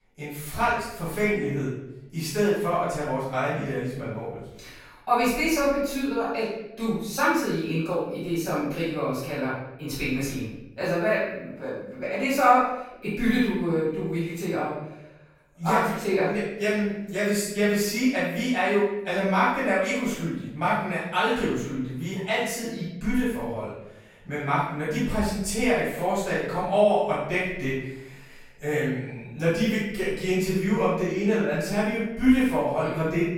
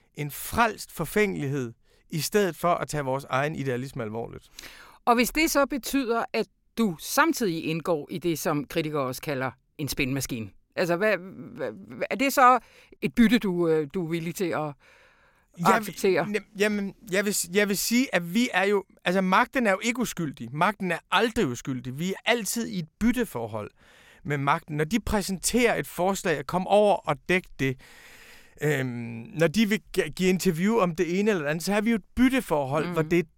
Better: second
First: off-mic speech; far // room echo; strong; dies away in 0.8 s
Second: none

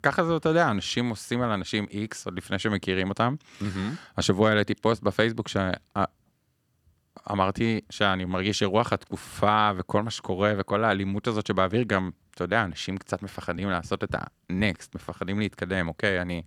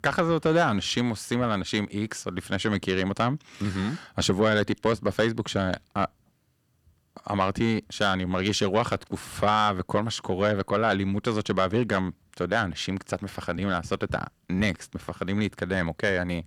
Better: first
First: none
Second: distortion; slight; 10 dB below the speech

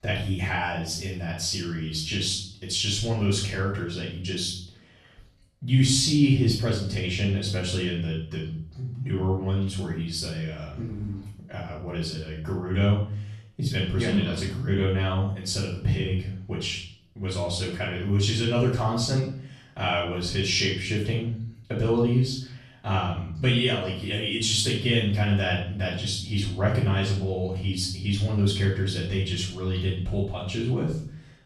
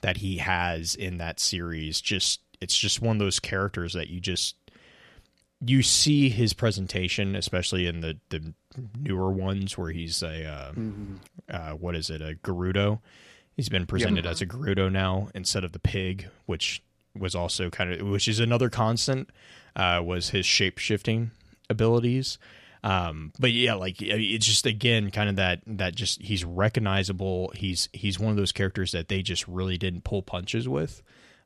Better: second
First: off-mic speech; far // room echo; noticeable; dies away in 0.6 s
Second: none

